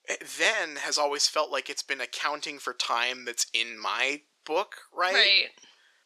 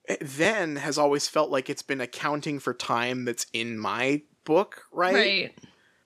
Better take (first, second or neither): second